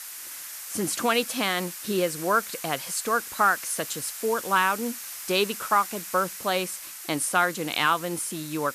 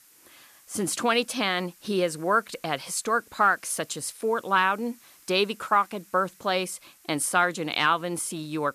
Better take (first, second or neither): second